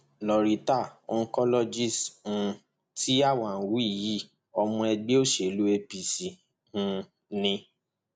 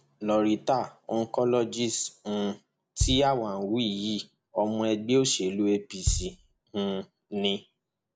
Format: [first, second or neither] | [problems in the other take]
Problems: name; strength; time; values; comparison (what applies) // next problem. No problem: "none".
first | background sound (Bass drum); 8 dB below the speech